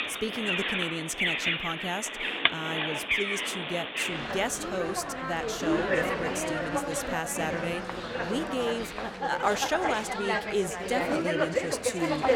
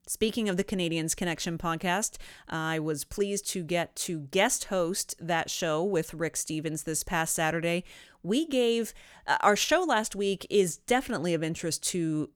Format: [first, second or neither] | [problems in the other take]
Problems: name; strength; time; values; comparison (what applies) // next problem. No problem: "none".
second | animal sounds; very loud; throughout; 3 dB above the speech